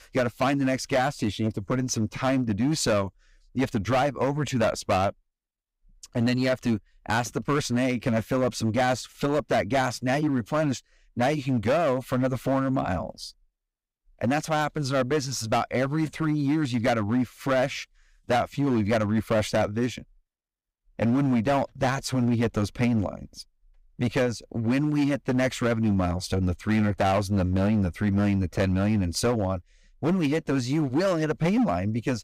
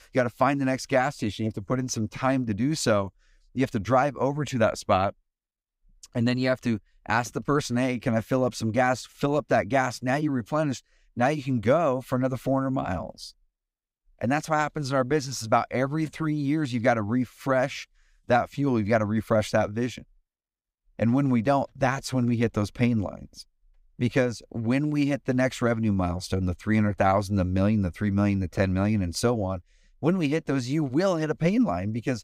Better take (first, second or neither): second